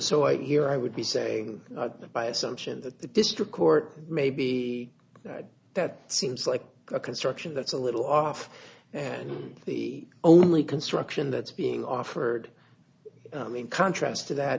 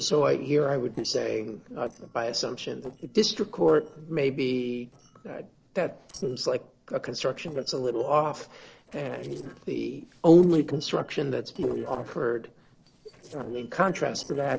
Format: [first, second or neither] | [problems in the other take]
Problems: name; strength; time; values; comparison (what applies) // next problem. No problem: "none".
first | noise reduction (neural separator model SepFormer DNS4)